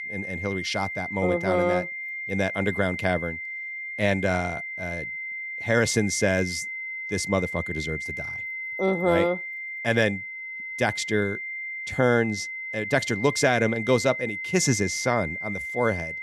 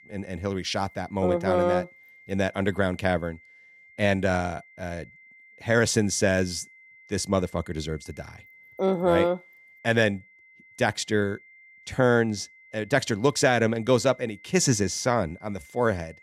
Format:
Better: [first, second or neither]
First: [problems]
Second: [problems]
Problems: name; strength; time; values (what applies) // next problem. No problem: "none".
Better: second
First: high-pitched whine; loud; throughout; 2 kHz, 6 dB below the speech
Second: high-pitched whine; faint; throughout; 2 kHz, 25 dB below the speech